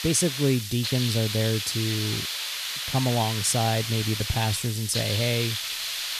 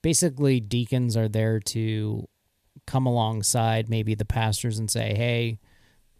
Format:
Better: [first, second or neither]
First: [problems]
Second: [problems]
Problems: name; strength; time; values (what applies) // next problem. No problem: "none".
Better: second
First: hiss; loud; throughout; 2 dB below the speech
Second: none